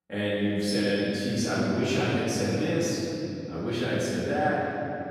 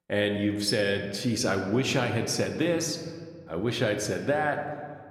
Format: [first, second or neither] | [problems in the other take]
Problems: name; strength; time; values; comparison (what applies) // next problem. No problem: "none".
second | room echo; strong; dies away in 3 s; slight in the second // off-mic speech; far